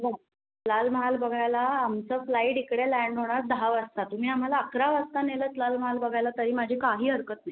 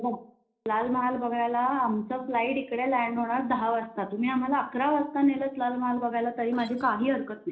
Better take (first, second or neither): first